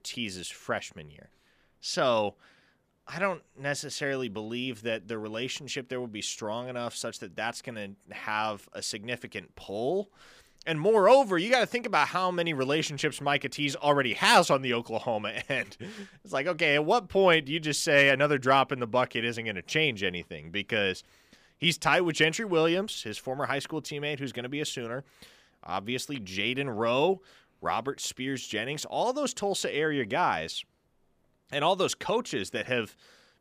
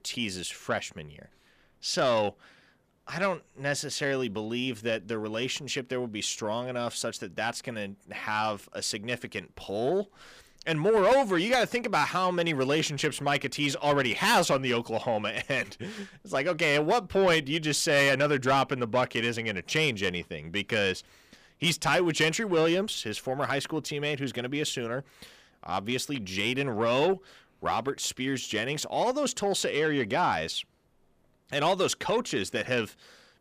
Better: first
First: none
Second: distortion; slight; 10 dB below the speech

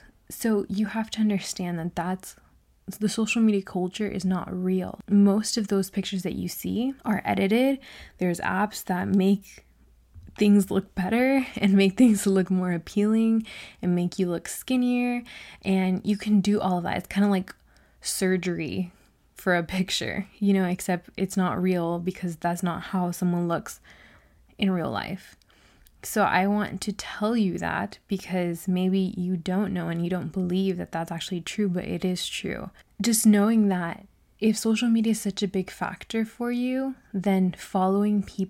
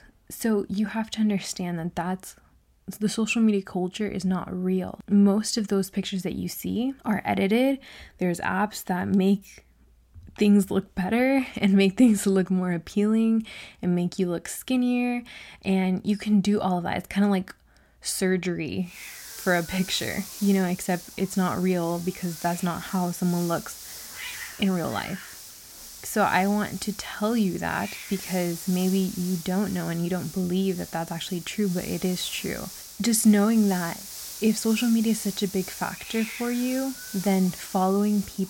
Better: first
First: none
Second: hiss; noticeable; from 19 s on; 10 dB below the speech

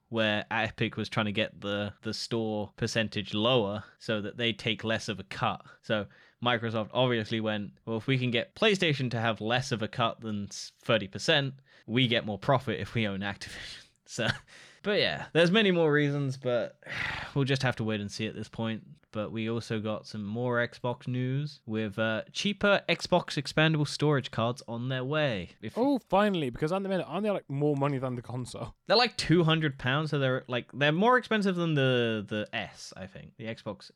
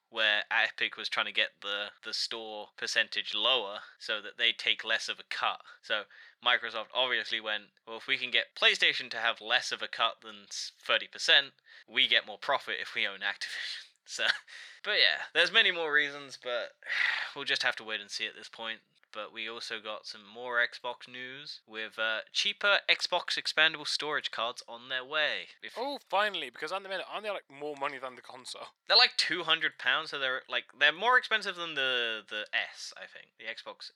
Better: first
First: none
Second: thin; very; fading below 700 Hz

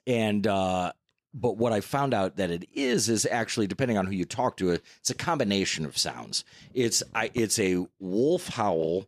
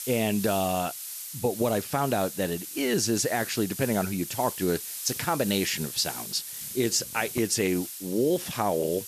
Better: first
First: none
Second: hiss; loud; throughout; 8 dB below the speech

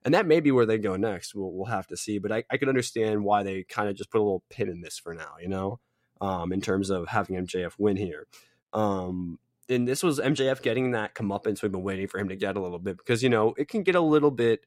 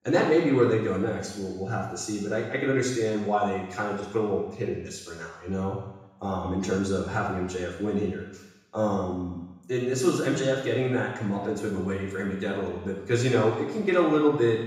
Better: first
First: none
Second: room echo; noticeable; dies away in 1 s // off-mic speech; far

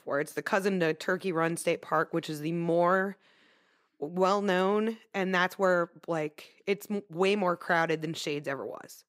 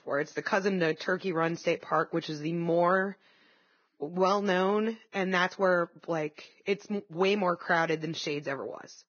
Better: first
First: none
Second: garbled, watery; badly; nothing above 6.5 kHz

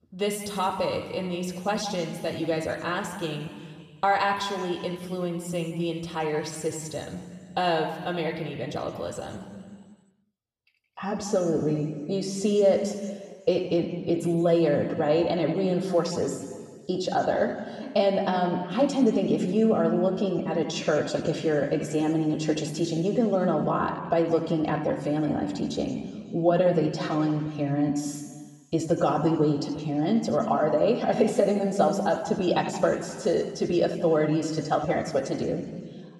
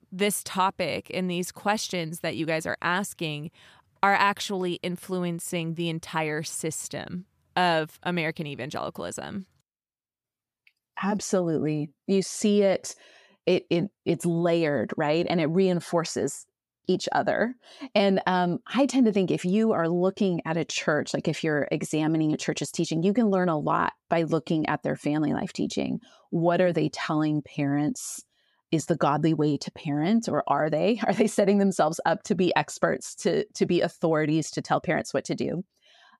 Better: second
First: room echo; noticeable; dies away in 1.7 s // off-mic speech; somewhat distant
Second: none

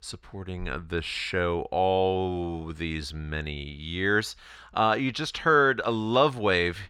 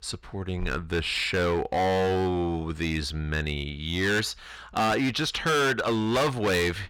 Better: first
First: none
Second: distortion; heavy; 15% of the sound clipped

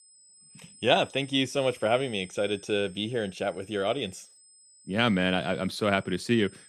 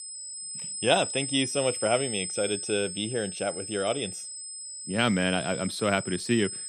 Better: first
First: high-pitched whine; faint; throughout; 8 kHz, 25 dB below the speech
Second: high-pitched whine; loud; throughout; 8 kHz, 6 dB below the speech

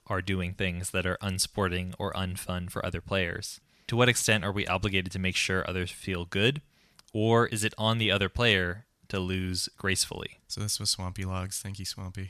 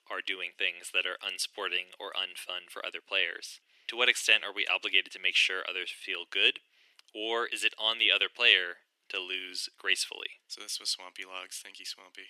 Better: first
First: none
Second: thin; very; fading below 300 Hz

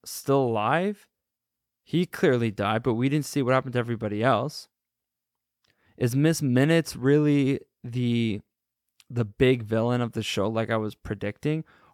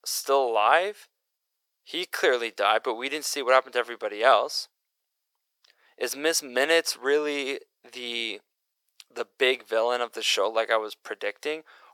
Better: first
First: none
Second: thin; very; fading below 500 Hz

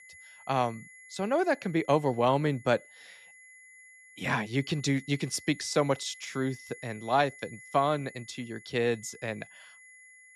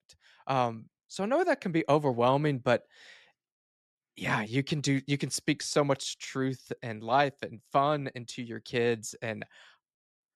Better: second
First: high-pitched whine; faint; throughout; 2 kHz, 20 dB below the speech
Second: none

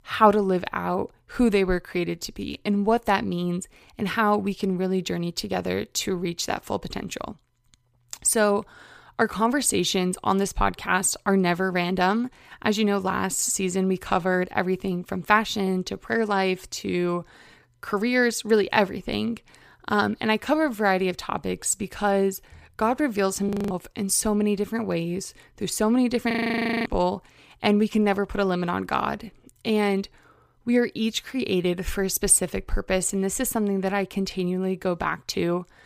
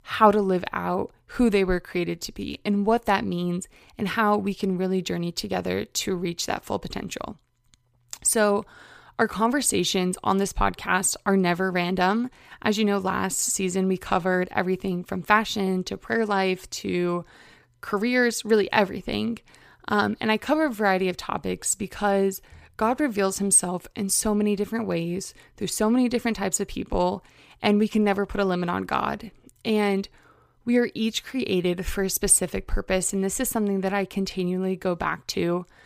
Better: second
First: audio freezing; at 23 s and at 26 s for 0.5 s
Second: none

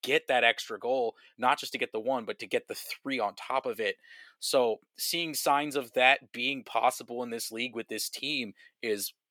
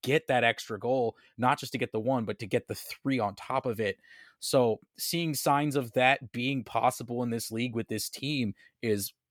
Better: second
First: thin; somewhat; fading below 350 Hz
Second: none

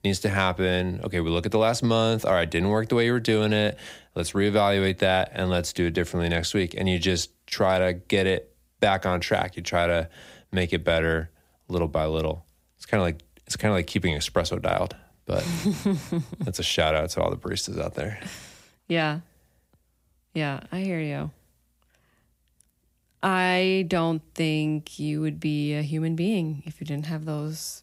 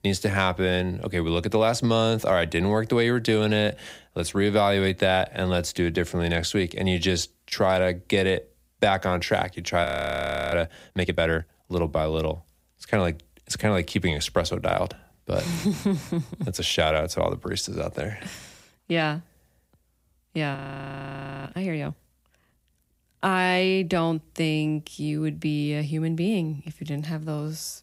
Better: first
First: none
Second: audio freezing; at 10 s for 0.5 s and at 21 s for 1 s

